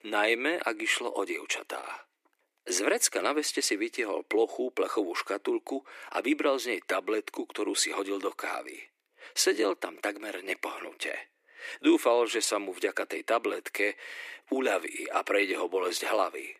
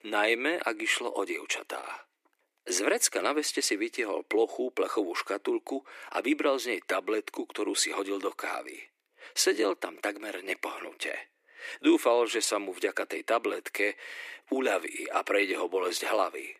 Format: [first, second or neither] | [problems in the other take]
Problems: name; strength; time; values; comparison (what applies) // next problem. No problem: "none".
neither | thin; very; fading below 300 Hz; the same in both